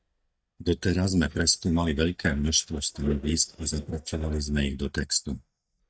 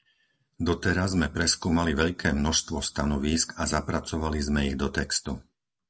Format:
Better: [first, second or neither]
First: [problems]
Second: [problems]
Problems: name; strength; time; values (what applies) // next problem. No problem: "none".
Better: second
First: noise reduction (neural mask model DeepFilterNet 3)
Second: none